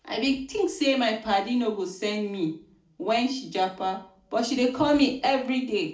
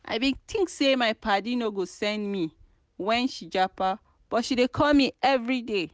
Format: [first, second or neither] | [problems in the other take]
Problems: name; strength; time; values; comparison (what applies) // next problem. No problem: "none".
second | room echo; dies away in 0.4 s